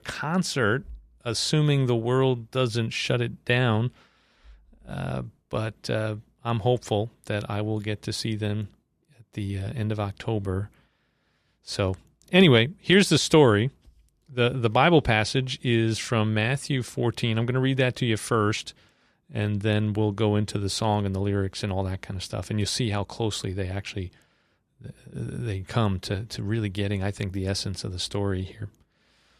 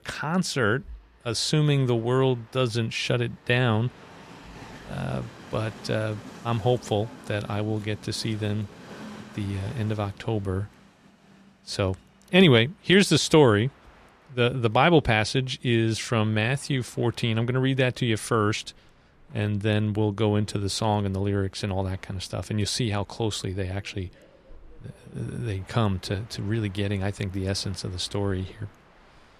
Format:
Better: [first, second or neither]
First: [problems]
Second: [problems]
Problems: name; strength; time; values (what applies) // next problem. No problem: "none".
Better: first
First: none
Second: train or aircraft noise; faint; throughout; 25 dB below the speech